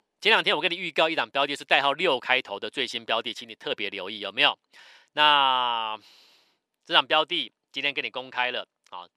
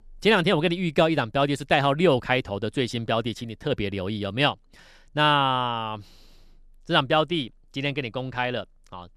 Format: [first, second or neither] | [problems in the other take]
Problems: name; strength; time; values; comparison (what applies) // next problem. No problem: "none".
second | thin; somewhat; fading below 400 Hz